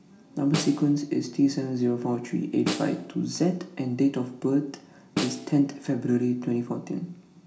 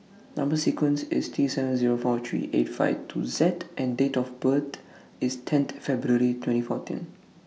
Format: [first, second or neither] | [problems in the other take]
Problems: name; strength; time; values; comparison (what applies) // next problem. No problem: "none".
second | background sound (Snare drum); 11 dB below the speech // room echo; dies away in 0.4 s